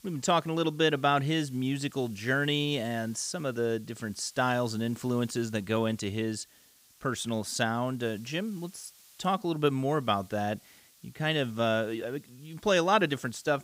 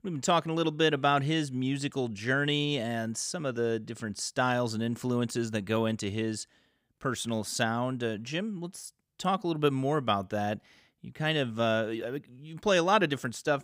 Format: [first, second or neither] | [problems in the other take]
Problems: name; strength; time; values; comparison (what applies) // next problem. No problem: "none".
second | hiss; faint; throughout; 25 dB below the speech